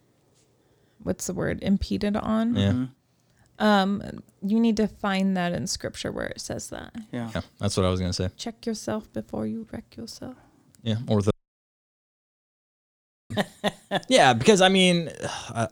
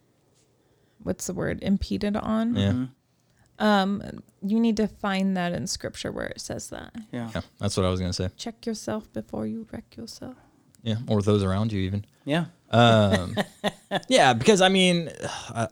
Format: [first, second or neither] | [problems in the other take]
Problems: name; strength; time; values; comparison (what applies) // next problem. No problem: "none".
second | audio cutting out; at 11 s for 2 s